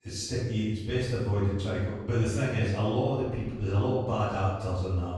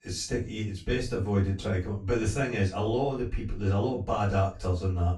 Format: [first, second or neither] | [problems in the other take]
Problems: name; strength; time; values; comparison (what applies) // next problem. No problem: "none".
second | room echo; strong; dies away in 1 s; slight in the second // off-mic speech; far; far in the second